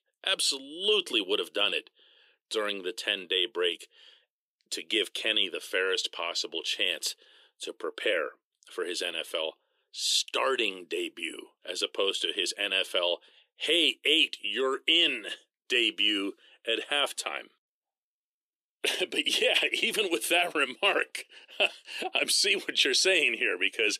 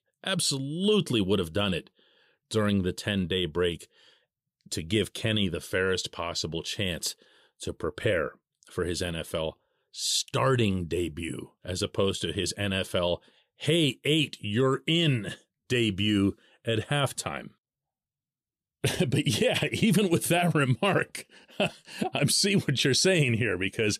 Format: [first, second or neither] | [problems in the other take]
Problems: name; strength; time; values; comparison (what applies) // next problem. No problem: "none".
second | thin; very; fading below 300 Hz